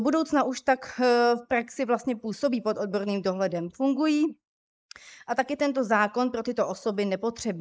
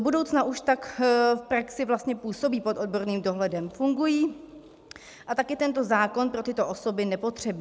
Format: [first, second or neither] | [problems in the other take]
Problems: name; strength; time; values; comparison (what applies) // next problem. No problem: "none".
second | noise reduction (neural mask model Resemble Enhance denoiser)